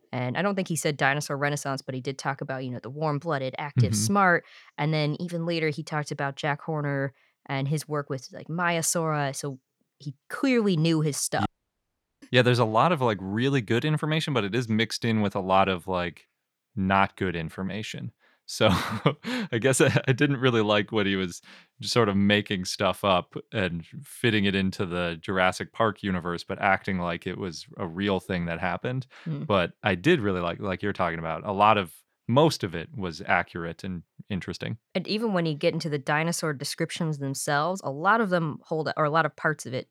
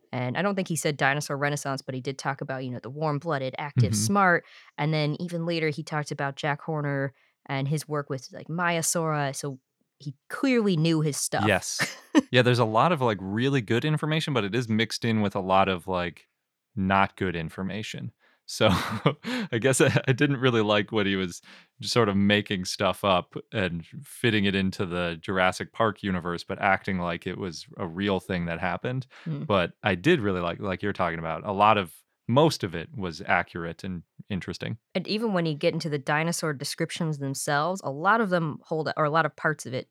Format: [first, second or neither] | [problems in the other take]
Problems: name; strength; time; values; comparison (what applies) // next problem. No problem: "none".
second | audio cutting out; at 11 s for 1 s